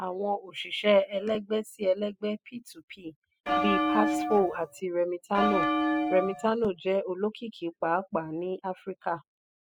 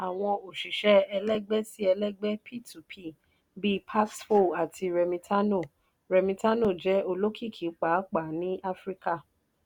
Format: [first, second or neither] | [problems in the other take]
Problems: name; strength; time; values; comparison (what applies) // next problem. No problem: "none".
second | noise reduction (classical method spectral subtraction)